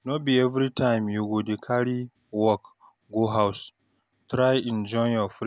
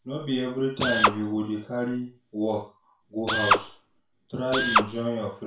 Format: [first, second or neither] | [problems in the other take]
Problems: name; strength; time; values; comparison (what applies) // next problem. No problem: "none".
first | background sound (Drill); 4 dB above the speech // room echo; dies away in 0.3 s